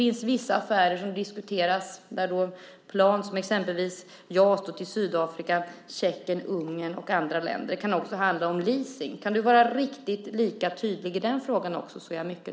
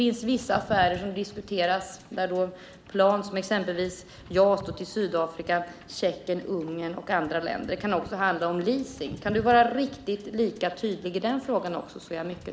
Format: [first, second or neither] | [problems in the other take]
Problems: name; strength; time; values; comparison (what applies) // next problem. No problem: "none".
first | background sound (Wind / Boat, Water vehicle); 18 dB below the speech